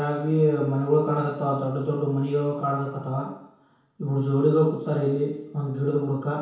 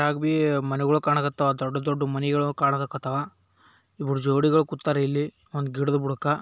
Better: second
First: room echo; dies away in 1 s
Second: none

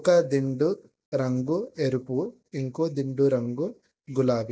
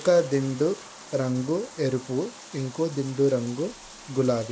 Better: first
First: none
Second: background sound (Bathtub (filling or washing)); 18 dB below the speech

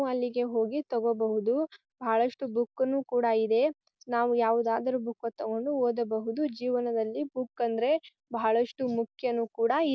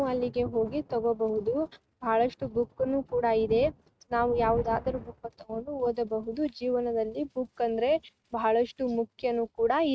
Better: first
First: none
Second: noise reduction (neural mask model RNNoise)

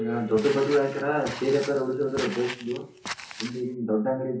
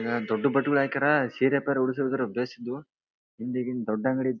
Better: second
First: background sound (Walk, footsteps); 13 dB below the speech // room echo; dies away in 0.6 s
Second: none

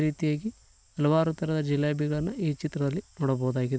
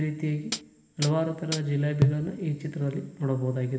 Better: first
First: none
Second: background sound (Hi-hat); 2 dB below the speech // room echo; dies away in 1.1 s

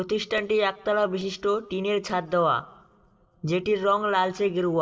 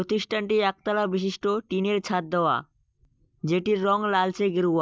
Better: second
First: noise reduction (neural separator model SepFormer DNS4)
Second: none

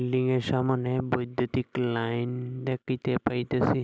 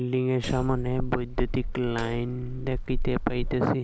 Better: first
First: none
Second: background sound (Hammer); 3 dB below the speech

